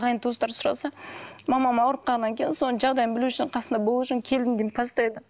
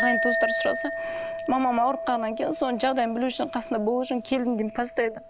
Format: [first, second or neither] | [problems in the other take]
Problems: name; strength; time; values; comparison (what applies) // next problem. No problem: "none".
first | background sound (Chink, clink); 5 dB below the speech